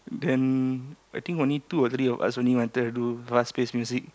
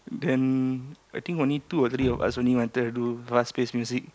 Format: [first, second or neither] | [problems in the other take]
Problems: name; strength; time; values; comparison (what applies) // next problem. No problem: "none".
first | background sound (Drip); 18 dB below the speech